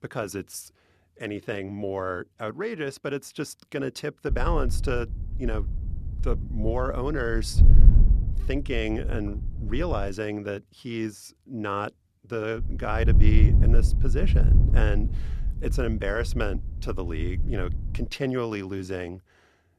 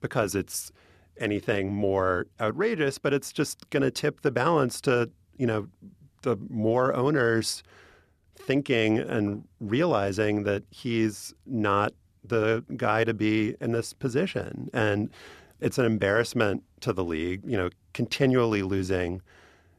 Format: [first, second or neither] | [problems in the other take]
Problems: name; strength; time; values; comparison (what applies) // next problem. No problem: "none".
second | wind noise on the microphone; occasional gusts; from 4.5 to 10 s and from 13 to 18 s; 10 dB below the speech